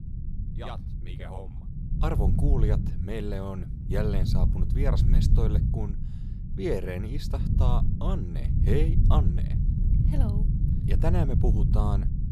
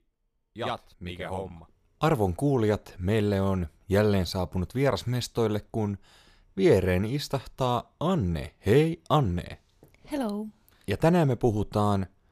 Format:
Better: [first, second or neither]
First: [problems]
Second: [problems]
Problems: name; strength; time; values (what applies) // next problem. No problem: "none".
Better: second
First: low rumble; loud; throughout; 4 dB below the speech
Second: none